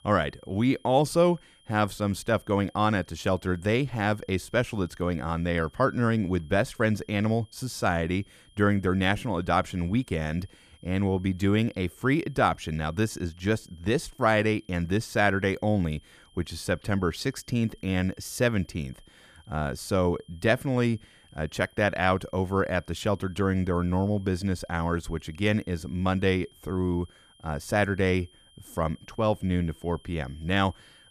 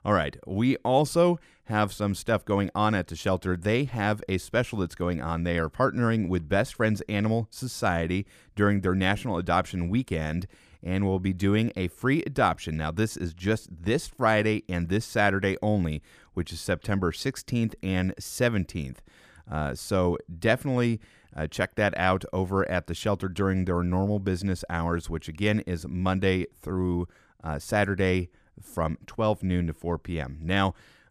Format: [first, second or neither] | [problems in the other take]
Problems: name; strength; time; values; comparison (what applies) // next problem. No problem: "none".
second | high-pitched whine; faint; throughout; 3 kHz, 30 dB below the speech